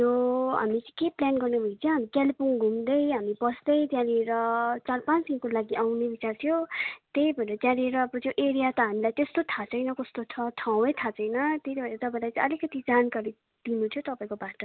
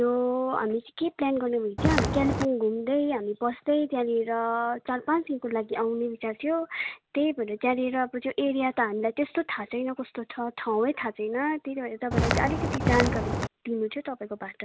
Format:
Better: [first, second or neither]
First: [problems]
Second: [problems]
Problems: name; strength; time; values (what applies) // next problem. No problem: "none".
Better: first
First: none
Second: background sound (Walk, footsteps); 2 dB above the speech